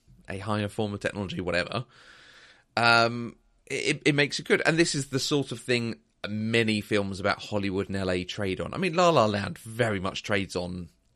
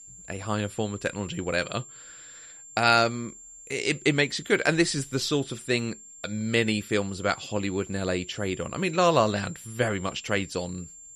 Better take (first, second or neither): first